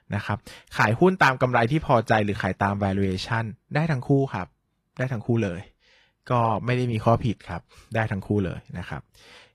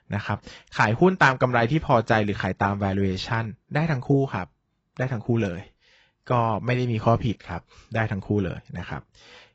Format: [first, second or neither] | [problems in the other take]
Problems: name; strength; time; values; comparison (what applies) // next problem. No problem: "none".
first | garbled, watery; badly; nothing above 7.5 kHz; slightly in the first